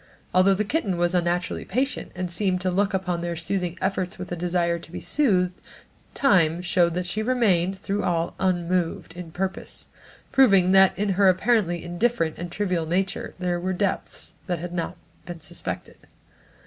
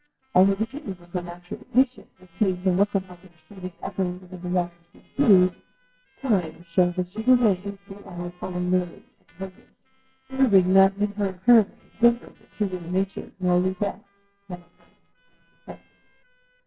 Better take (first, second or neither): first